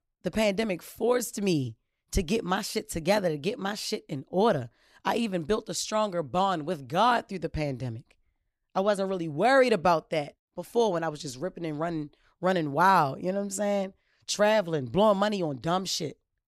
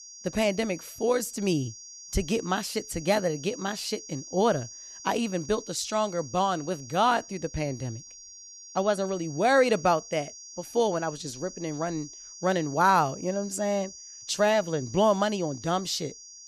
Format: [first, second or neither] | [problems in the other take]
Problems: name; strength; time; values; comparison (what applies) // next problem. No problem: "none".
first | high-pitched whine; noticeable; throughout; 6 kHz, 15 dB below the speech